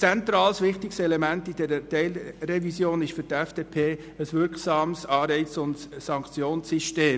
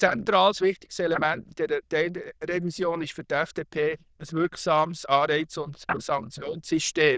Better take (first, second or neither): first